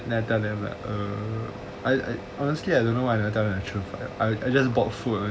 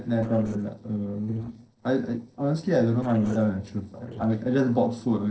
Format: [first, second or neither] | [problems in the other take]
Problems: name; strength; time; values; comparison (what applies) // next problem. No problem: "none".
first | noise reduction (neural separator model SepFormer DNS4)